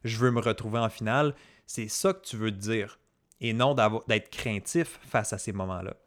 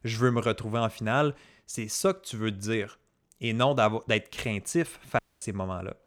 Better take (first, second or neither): first